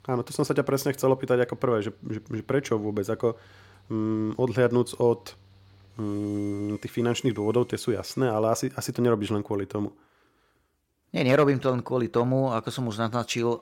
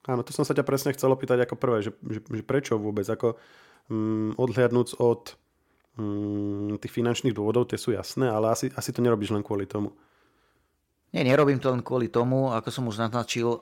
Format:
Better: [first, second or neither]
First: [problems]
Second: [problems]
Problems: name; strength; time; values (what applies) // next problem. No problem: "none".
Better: second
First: machinery noise; faint; until 8.5 s; 30 dB below the speech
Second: none